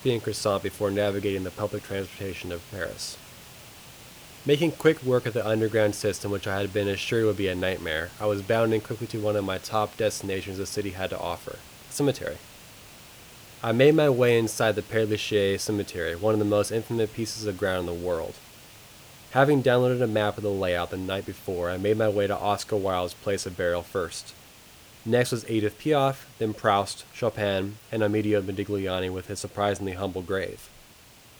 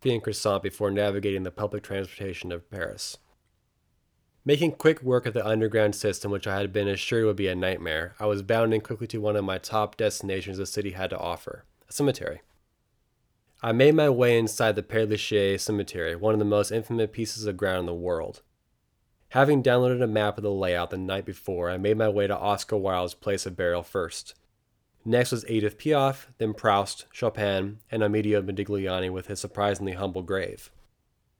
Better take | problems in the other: second | hiss; noticeable; throughout; 20 dB below the speech

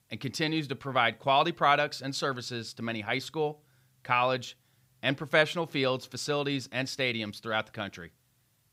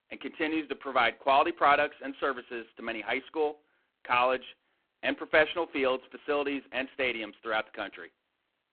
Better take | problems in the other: first | phone-call audio; poor line

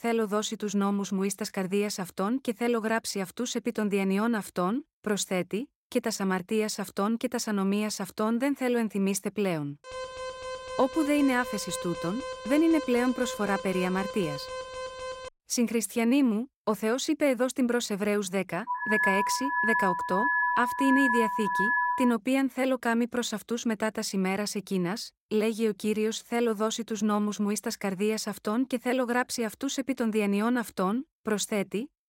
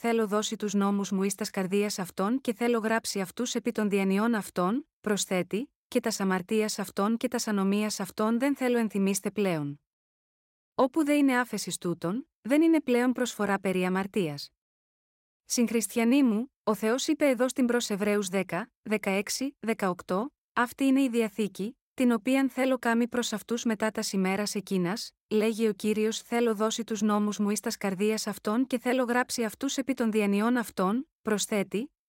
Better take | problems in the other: second | alarm; noticeable; from 10 to 15 s; peak 8 dB below the speech // alarm; loud; from 19 to 22 s; peak 4 dB above the speech

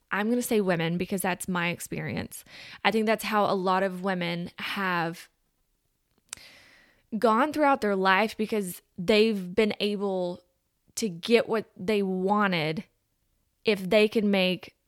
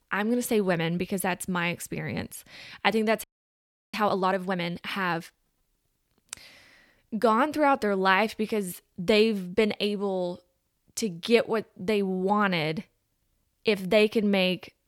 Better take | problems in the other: first | audio freezing; at 3 s for 0.5 s

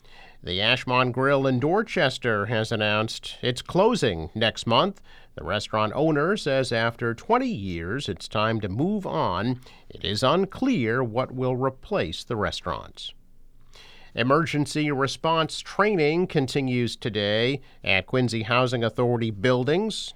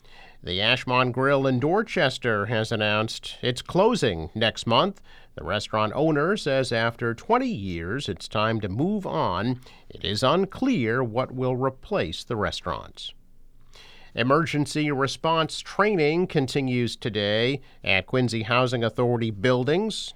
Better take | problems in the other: neither | none

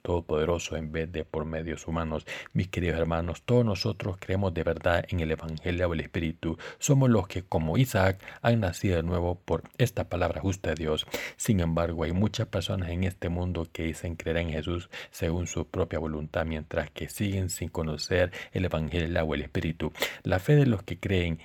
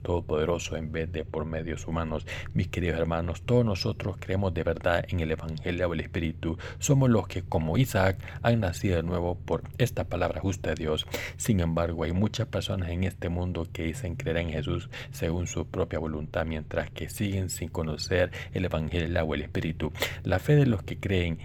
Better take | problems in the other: first | low rumble; faint; throughout; 25 dB below the speech

